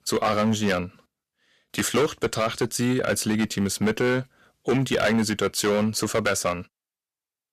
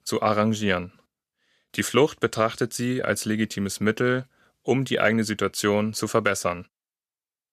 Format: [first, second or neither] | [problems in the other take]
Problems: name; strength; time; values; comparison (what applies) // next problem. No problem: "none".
second | distortion; heavy; 8% of the sound clipped